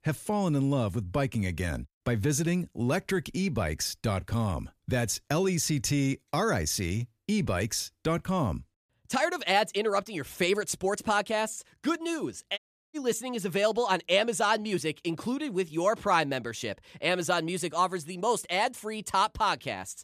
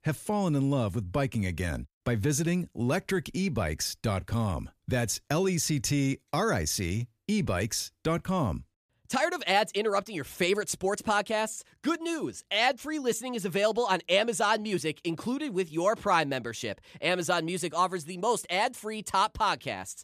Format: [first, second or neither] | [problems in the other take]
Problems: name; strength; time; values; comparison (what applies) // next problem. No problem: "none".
second | audio cutting out; at 13 s